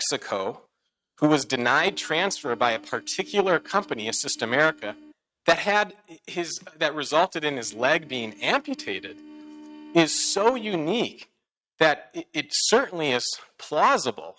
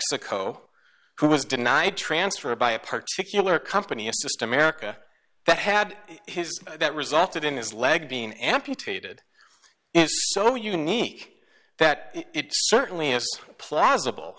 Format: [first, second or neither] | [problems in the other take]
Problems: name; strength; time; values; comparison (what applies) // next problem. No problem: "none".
second | noise reduction (neural mask model RNNoise)